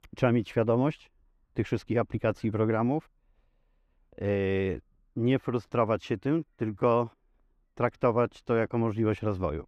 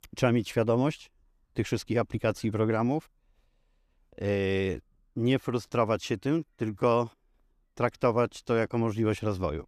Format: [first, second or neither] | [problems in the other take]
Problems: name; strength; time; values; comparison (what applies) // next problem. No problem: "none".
second | muffled; slightly; fading above 3.5 kHz